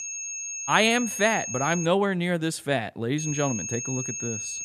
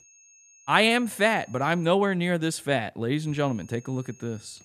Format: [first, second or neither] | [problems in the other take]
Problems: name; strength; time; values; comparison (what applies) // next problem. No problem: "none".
second | high-pitched whine; loud; until 2 s and from 3 s on; 6.5 kHz, 5 dB below the speech; faint in the second